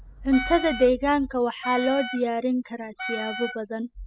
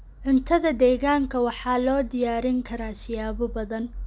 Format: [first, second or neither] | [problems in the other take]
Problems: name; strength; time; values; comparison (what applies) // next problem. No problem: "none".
second | noise reduction (classical method spectral subtraction)